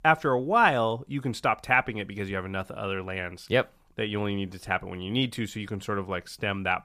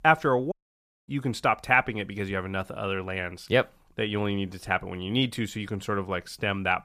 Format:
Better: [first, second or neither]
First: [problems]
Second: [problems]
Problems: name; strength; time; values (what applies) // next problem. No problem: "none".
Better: first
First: none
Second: audio cutting out; at 0.5 s for 0.5 s